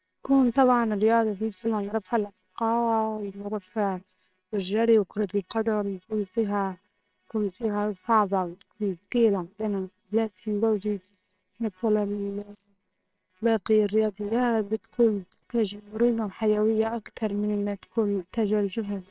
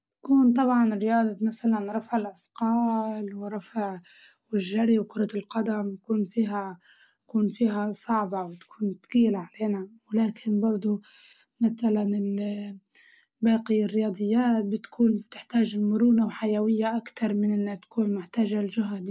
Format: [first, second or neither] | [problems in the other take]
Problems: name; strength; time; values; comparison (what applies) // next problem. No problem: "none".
second | noise reduction (neural separator model SepFormer WHAMR!)